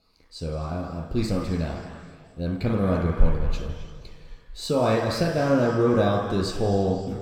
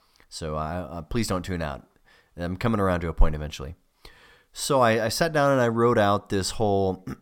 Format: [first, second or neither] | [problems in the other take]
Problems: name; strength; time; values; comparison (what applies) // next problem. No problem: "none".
second | room echo; noticeable; dies away in 2.1 s // off-mic speech; somewhat distant